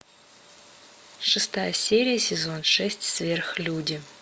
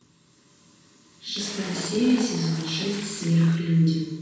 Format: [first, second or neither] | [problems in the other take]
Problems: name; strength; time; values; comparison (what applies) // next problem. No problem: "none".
first | background sound (Splash, splatter); 14 dB below the speech // room echo; dies away in 1.1 s